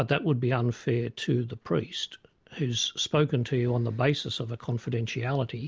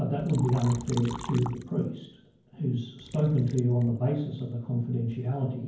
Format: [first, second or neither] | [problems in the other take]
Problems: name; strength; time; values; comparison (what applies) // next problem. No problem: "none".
first | background sound (Liquid); 18 dB below the speech // room echo; dies away in 0.9 s